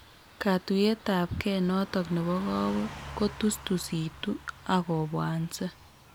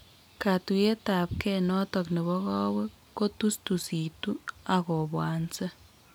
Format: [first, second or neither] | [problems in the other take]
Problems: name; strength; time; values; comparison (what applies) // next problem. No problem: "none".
second | background sound (Car passing by / Truck); 17 dB below the speech